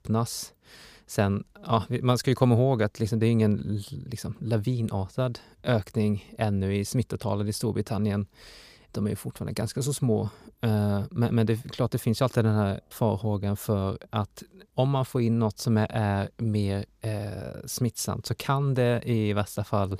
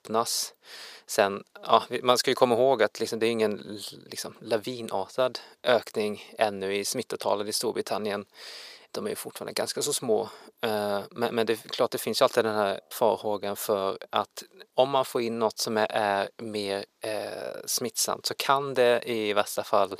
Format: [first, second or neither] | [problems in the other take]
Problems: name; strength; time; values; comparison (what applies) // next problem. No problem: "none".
first | thin; very; fading below 500 Hz